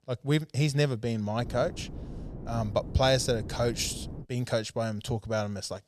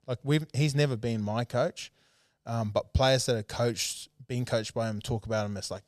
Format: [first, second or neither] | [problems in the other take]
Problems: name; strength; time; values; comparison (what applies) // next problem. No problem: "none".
second | wind noise on the microphone; occasional gusts; from 1.5 to 4 s; 20 dB below the speech